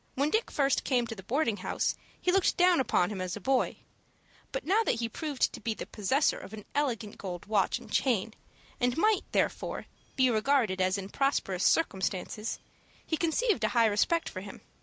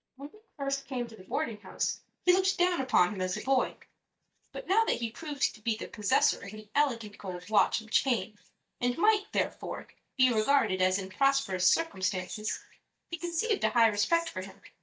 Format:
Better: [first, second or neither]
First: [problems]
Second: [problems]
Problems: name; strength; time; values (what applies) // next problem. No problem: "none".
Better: first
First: none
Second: noise reduction (neural mask model DeepFilterNet 3)